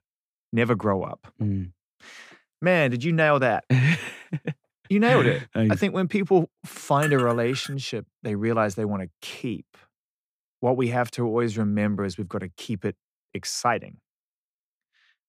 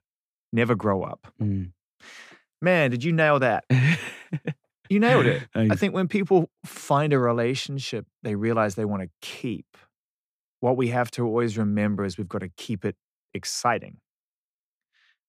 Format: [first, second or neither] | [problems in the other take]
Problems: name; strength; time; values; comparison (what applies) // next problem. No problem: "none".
second | clattering dishes; noticeable; at 7 s; peak 6 dB below the speech